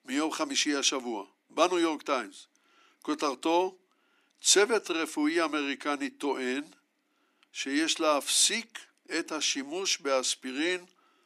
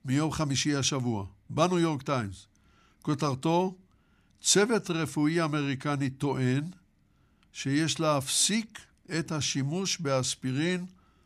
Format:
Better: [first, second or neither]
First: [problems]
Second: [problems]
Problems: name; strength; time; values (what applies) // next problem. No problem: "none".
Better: second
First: thin; somewhat; fading below 300 Hz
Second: none